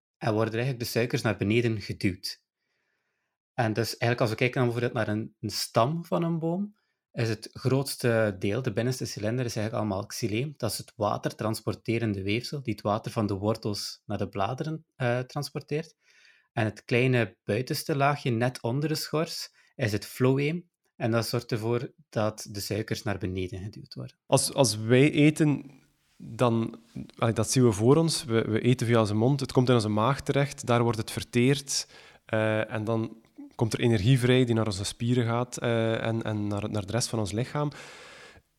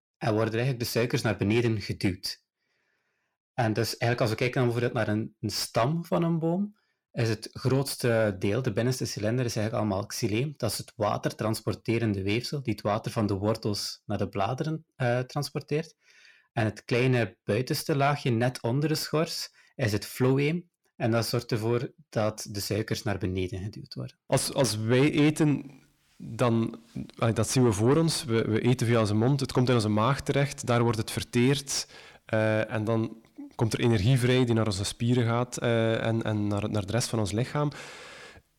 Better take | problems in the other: first | distortion; slight; 10 dB below the speech

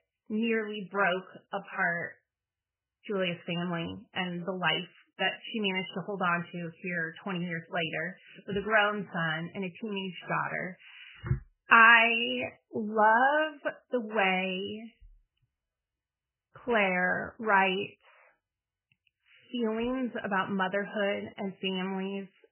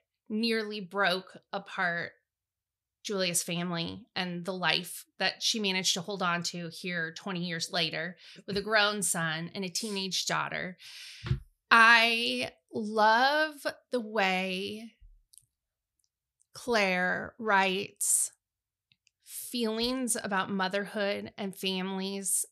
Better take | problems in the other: second | garbled, watery; badly; nothing above 3 kHz

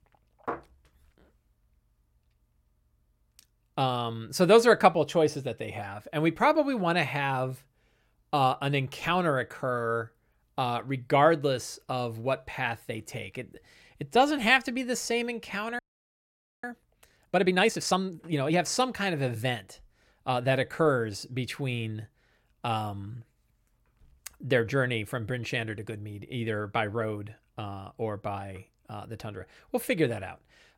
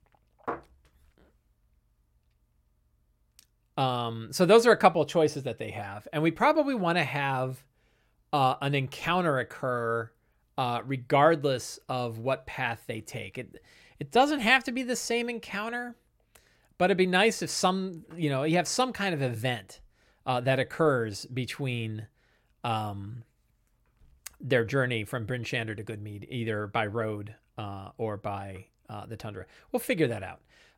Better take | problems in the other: second | audio freezing; at 16 s for 1 s

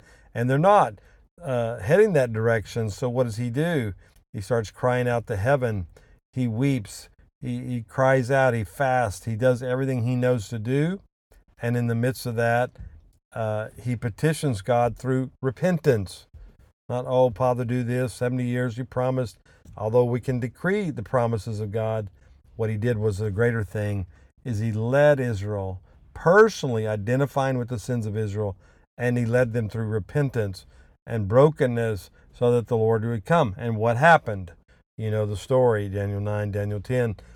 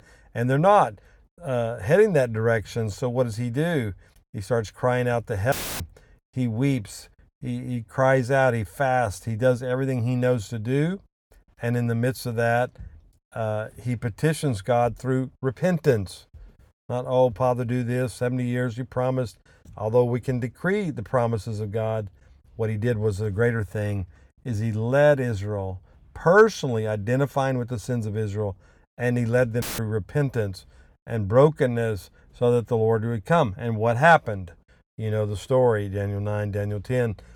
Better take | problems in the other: first | audio cutting out; filled with static; at 5.5 s and at 30 s

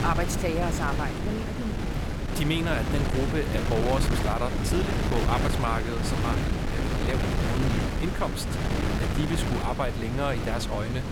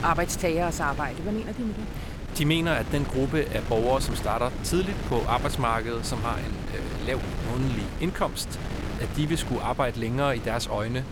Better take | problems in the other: second | wind noise on the microphone; heavy; 1 dB below the speech; occasional gusts in the second

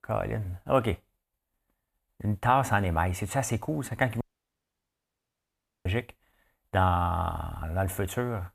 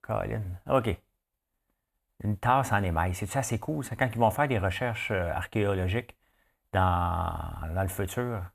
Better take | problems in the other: second | audio cutting out; at 4 s for 1.5 s

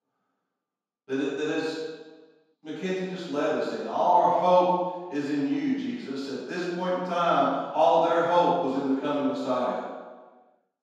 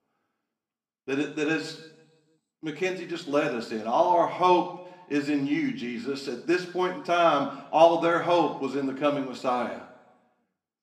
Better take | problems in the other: second | room echo; strong; dies away in 1.2 s; slight in the second // off-mic speech; far; somewhat distant in the second

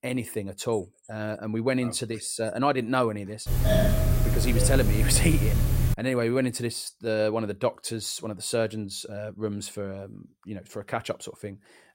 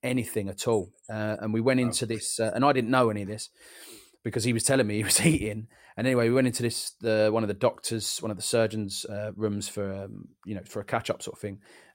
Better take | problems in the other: second | doorbell; loud; from 3.5 to 6 s; peak 6 dB above the speech

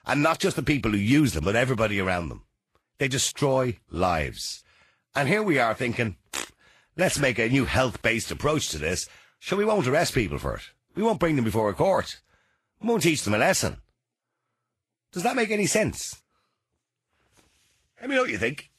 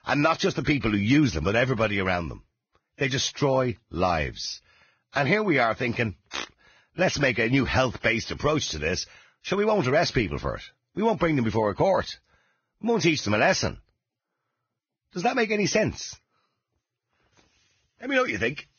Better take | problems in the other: first | garbled, watery; badly; nothing above 6.5 kHz; slightly in the first

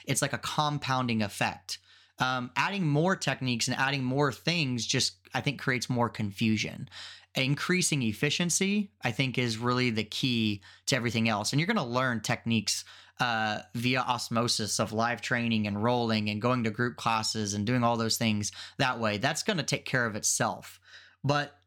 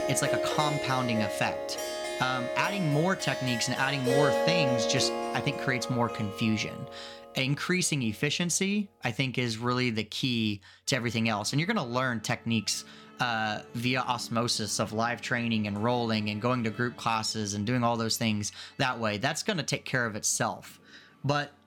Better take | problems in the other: first | background music; loud; throughout; 3 dB below the speech

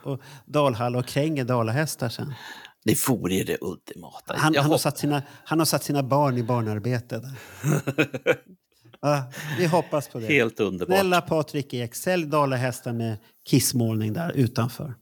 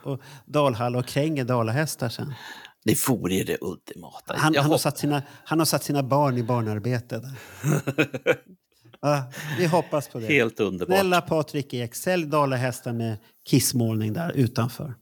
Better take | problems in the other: neither | none

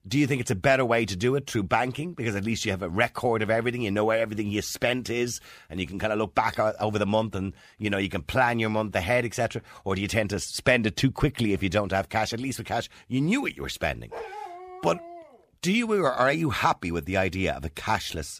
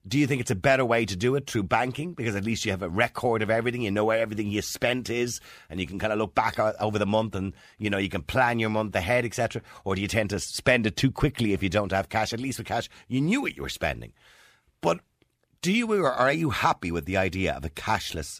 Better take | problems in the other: second | dog barking; faint; from 14 to 15 s; peak 10 dB below the speech

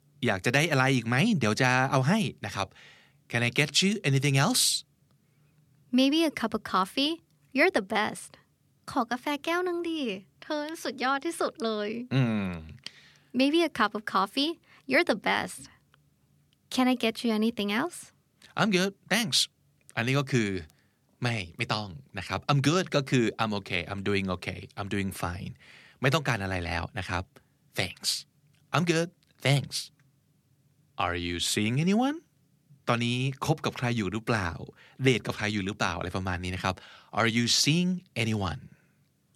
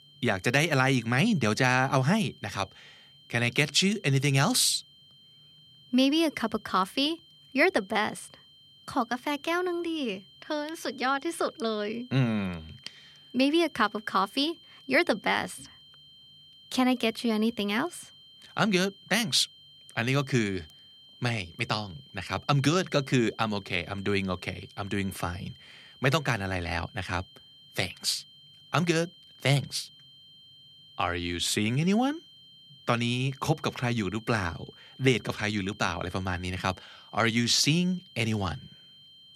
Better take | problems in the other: first | high-pitched whine; faint; throughout; 3 kHz, 25 dB below the speech

